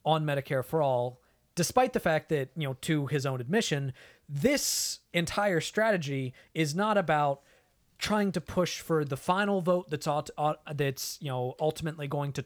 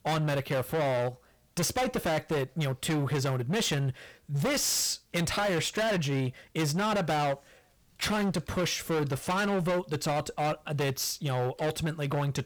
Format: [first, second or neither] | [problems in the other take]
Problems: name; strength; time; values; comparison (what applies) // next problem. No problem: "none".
first | distortion; heavy; 24% of the sound clipped